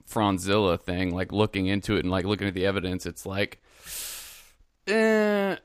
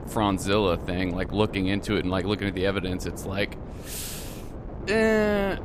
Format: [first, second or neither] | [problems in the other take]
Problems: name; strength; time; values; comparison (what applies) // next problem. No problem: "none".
first | wind noise on the microphone; occasional gusts; 15 dB below the speech